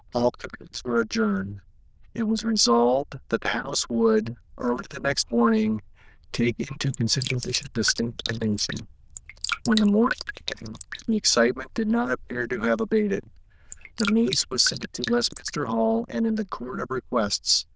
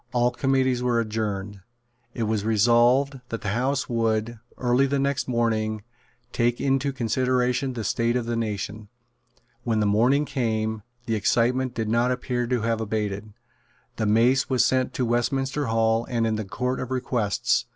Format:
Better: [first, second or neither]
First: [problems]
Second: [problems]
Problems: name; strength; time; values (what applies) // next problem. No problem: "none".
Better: second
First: noise reduction (neural diffusion model UNIVERSE++)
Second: none